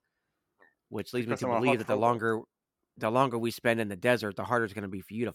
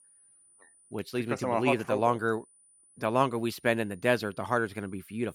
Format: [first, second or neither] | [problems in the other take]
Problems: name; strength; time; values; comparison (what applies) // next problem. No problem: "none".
first | high-pitched whine; faint; throughout; 9.5 kHz, 30 dB below the speech